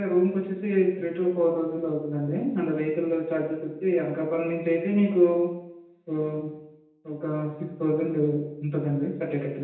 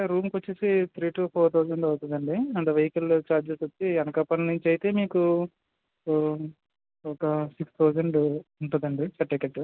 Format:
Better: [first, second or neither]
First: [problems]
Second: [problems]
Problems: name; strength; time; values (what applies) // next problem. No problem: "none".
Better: second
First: room echo; dies away in 0.9 s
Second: none